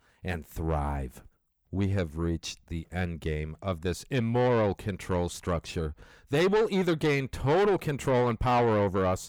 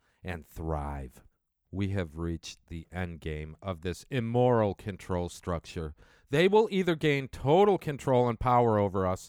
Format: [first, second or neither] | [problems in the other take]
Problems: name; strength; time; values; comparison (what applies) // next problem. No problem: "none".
second | distortion; heavy; 7 dB below the speech